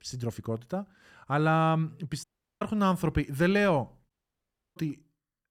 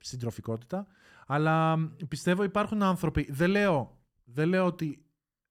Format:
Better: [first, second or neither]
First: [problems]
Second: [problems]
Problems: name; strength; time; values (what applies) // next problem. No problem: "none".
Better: second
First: audio cutting out; at 2 s and at 4 s for 0.5 s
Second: none